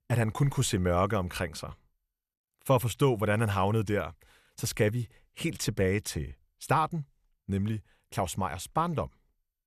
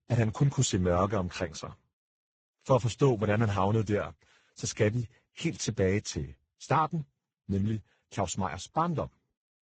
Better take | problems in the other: first | garbled, watery; badly; nothing above 7.5 kHz

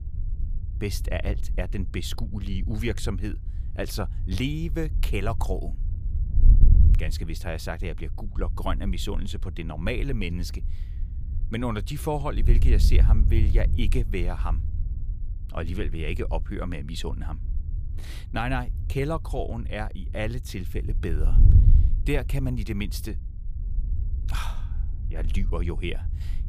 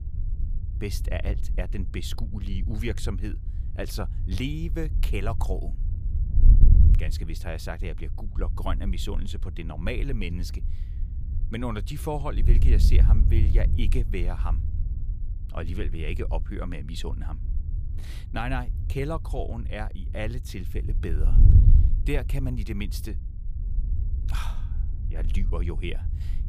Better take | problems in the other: first | wind noise on the microphone; heavy; 9 dB below the speech; occasional gusts in the first

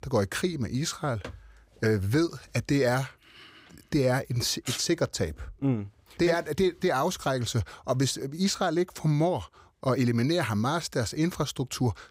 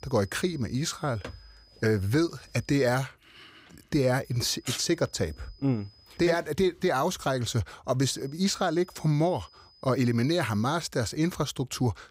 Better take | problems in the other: first | high-pitched whine; faint; until 2.5 s, from 4 to 6.5 s and from 8 to 11 s; 5 kHz, 30 dB below the speech

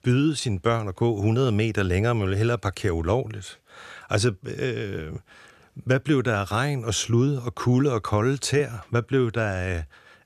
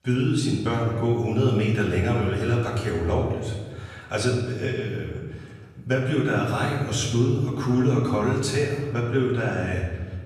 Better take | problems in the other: first | off-mic speech; far // room echo; noticeable; dies away in 1.2 s

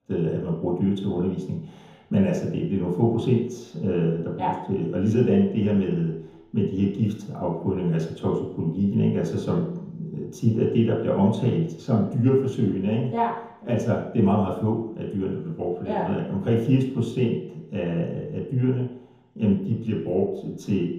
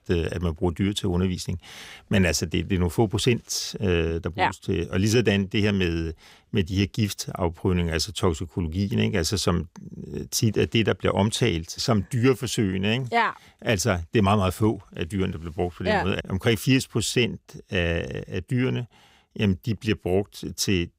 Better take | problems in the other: second | room echo; noticeable; dies away in 3 s // off-mic speech; far

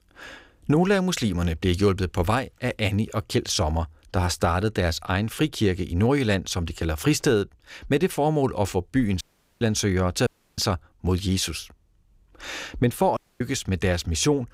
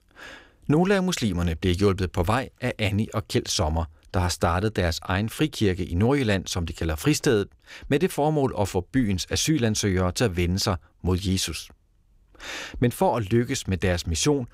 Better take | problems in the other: second | audio cutting out; at 9 s, at 10 s and at 13 s

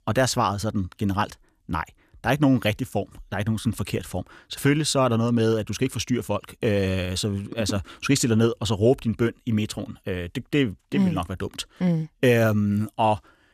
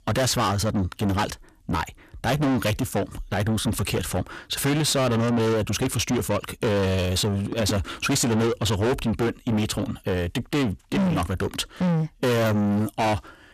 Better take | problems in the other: first | distortion; heavy; 6 dB below the speech

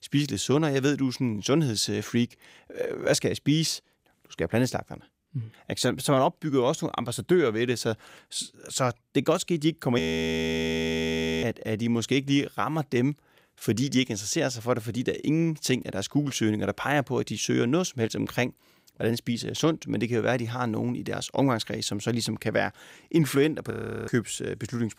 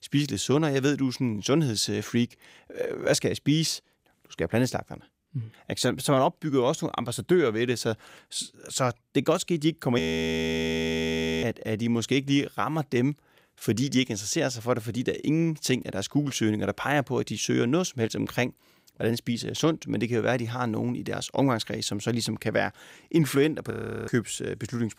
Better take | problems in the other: neither | audio freezing; at 10 s for 1.5 s and at 24 s; the same in both

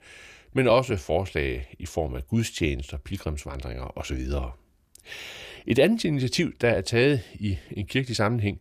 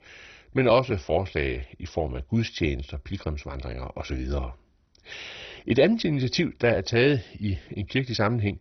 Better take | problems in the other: first | garbled, watery; badly; nothing above 6 kHz

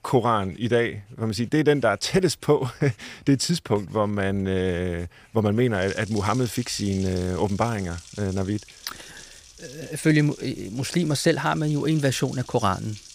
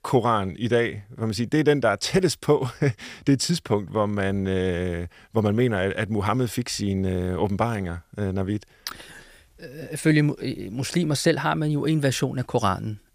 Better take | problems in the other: second | household noises; noticeable; throughout; 20 dB below the speech

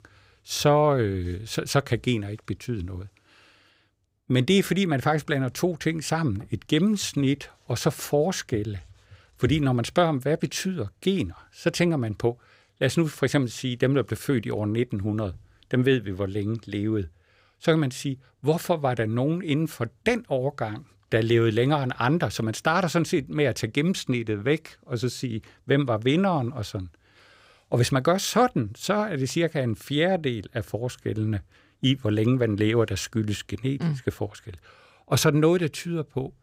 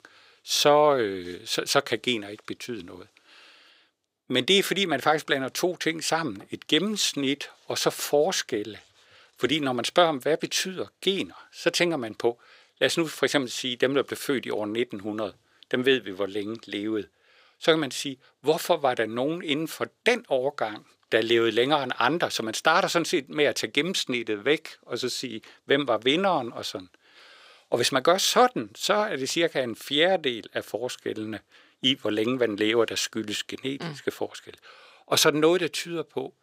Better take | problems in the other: first | thin; somewhat; fading below 350 Hz

